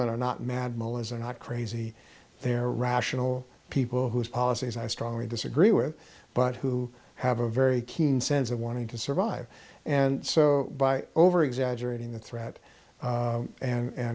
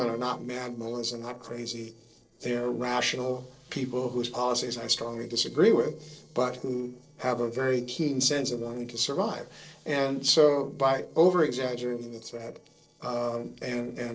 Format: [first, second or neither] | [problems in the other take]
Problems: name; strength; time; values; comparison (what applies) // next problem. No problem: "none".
first | noise reduction (neural separator model SepFormer DNS4)